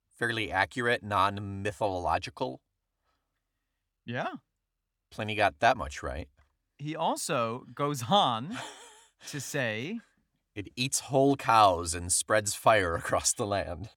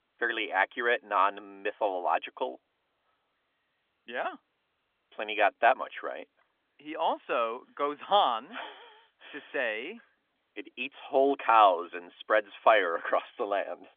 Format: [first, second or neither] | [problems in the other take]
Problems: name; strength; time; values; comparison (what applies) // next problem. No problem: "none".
first | phone-call audio; nothing above 3.5 kHz